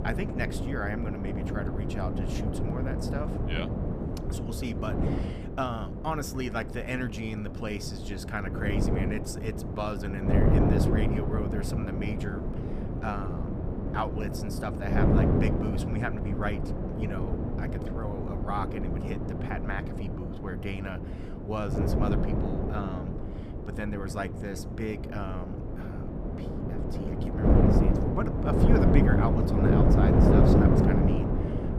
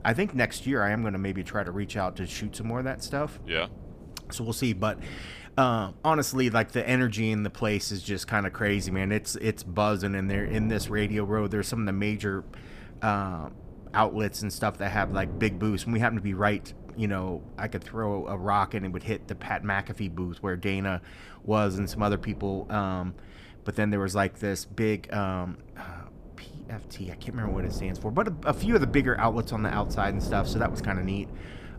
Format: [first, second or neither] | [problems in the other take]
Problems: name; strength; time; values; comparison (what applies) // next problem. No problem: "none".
second | wind noise on the microphone; heavy; 2 dB above the speech; occasional gusts in the second